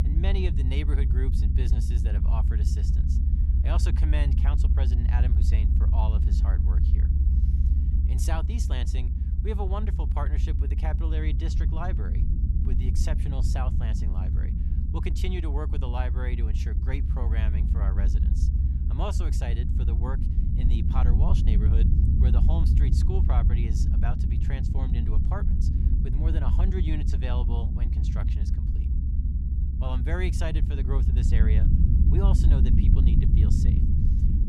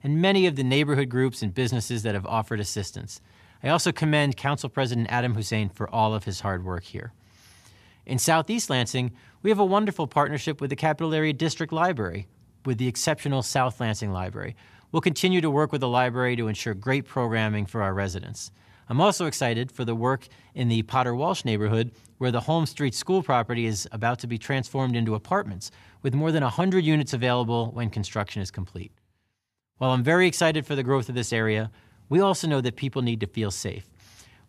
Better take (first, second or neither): second